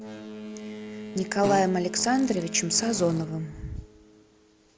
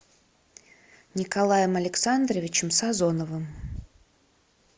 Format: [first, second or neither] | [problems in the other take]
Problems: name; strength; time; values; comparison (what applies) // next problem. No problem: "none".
second | background sound (Fart + Boat, Water vehicle); 10 dB below the speech